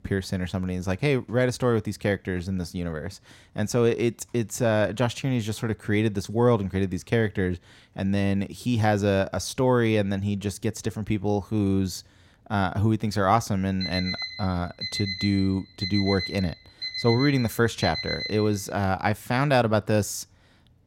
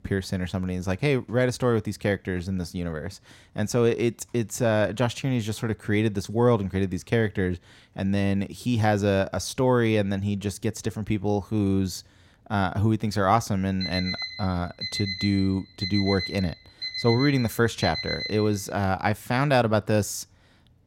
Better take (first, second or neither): neither